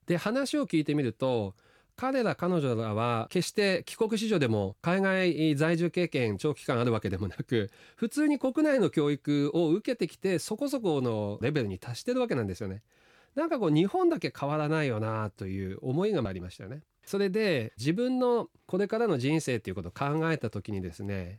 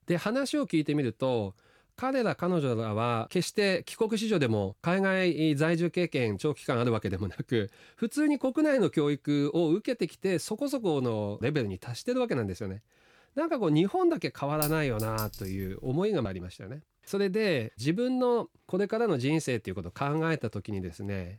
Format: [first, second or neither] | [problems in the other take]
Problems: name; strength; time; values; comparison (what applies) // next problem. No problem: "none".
first | clattering dishes; noticeable; from 15 to 16 s; peak 5 dB below the speech